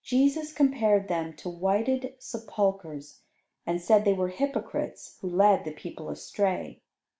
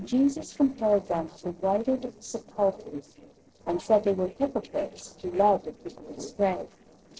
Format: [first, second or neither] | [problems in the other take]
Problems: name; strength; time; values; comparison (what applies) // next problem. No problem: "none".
first | noise reduction (neural separator model SepFormer DNS4)